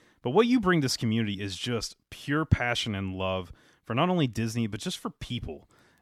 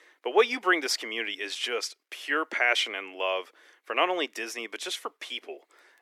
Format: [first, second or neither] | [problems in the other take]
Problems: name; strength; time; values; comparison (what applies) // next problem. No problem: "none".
first | thin; very; fading below 350 Hz